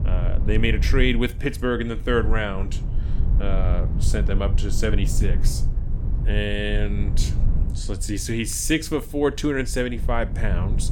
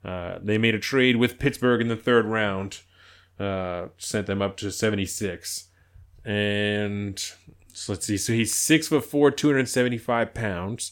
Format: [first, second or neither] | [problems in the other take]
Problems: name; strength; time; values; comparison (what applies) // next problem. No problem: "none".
second | low rumble; noticeable; throughout; 15 dB below the speech